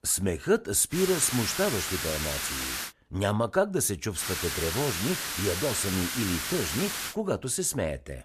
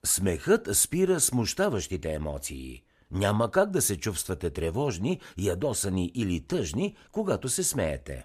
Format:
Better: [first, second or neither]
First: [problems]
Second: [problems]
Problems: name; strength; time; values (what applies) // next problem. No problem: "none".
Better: second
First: hiss; loud; from 1 to 3 s and from 4 to 7 s; 2 dB below the speech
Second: none